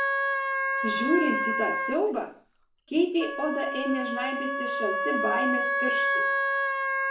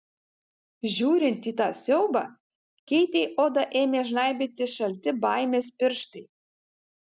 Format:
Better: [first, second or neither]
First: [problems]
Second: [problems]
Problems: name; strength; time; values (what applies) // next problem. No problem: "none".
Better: second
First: background sound (Wind instrument, woodwind instrument); 2 dB above the speech // room echo; dies away in 0.4 s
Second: none